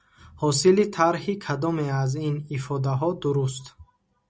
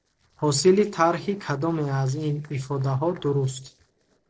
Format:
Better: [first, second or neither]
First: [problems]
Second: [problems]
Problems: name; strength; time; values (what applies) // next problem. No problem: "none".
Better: first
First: none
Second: noise reduction (neural separator model SepFormer DNS4)